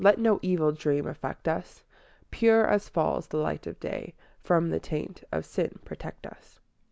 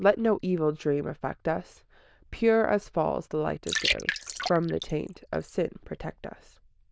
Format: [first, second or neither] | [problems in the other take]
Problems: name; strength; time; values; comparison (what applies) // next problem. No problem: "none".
first | noise reduction (neural diffusion model UNIVERSE++)